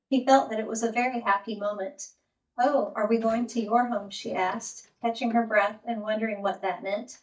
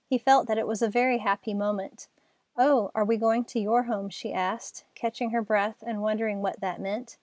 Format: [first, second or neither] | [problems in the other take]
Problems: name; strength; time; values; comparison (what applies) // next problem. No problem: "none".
second | noise reduction (neural mask model DeepFilterNet 3)